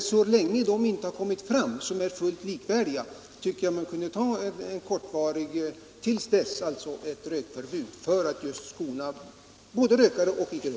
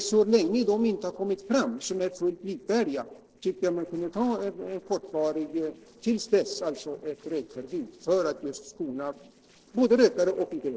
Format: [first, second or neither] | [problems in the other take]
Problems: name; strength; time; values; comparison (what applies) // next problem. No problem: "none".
first | noise reduction (neural separator model SepFormer DNS4)